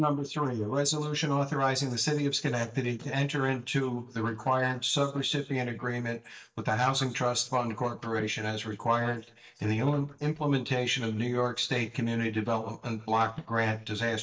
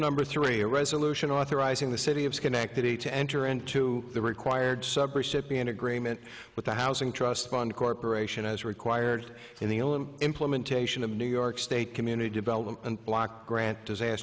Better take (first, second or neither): second